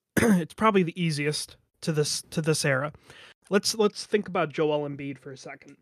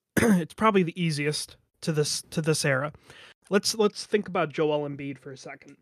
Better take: neither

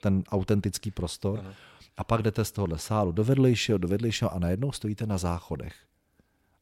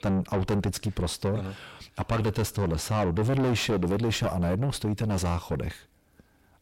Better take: first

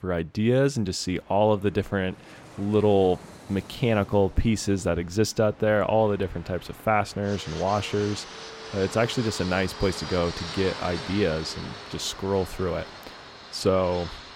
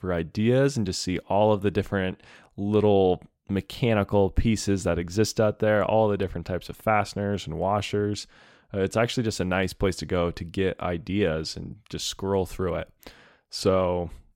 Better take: second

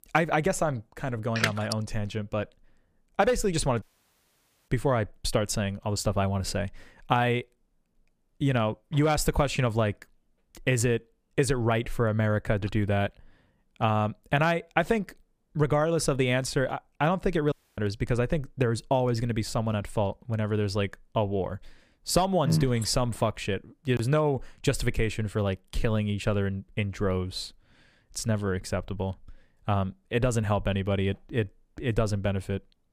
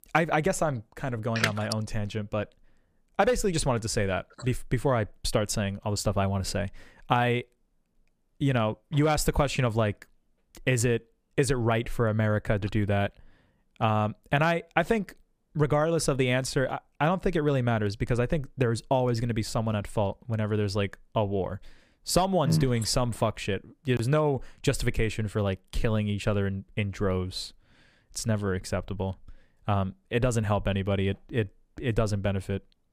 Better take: second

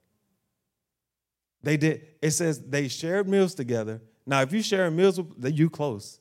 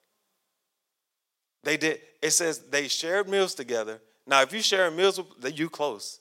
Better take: first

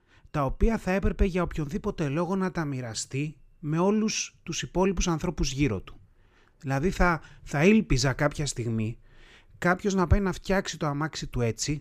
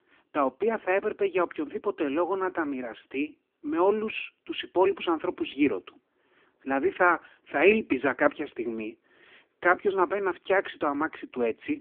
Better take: first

